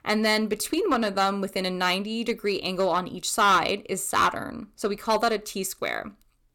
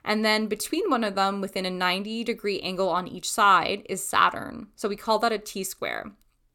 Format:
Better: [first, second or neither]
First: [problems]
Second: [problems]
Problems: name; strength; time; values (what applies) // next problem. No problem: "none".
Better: second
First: distortion; slight; 4% of the sound clipped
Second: none